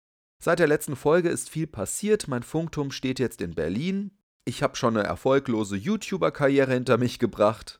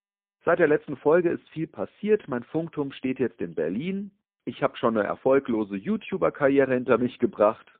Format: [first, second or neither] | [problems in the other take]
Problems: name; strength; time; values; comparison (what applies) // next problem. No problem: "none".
first | phone-call audio; poor line